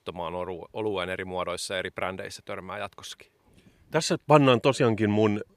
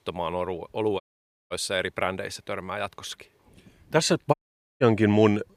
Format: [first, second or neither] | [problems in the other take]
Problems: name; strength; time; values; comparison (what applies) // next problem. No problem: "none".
first | audio cutting out; at 1 s for 0.5 s and at 4.5 s